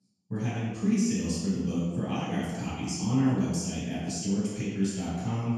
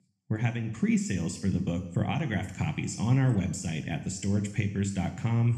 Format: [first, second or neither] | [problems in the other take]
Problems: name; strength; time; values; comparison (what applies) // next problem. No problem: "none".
second | room echo; strong; dies away in 1.2 s; slight in the second // off-mic speech; far